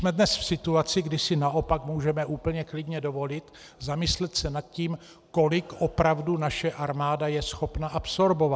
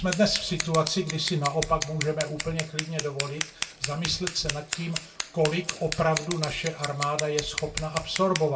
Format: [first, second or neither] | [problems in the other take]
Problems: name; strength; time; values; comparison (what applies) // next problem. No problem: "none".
first | background sound (Scissors); 7 dB below the speech // room echo; dies away in 0.2 s